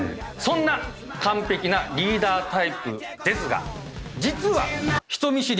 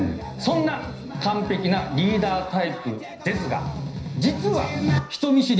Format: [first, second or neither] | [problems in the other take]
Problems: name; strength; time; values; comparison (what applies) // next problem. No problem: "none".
first | room echo; dies away in 0.5 s